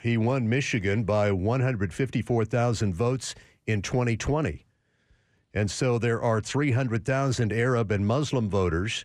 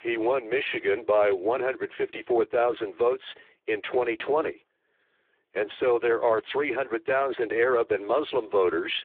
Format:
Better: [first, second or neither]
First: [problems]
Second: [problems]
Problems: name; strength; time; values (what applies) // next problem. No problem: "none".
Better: first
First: none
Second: phone-call audio; poor line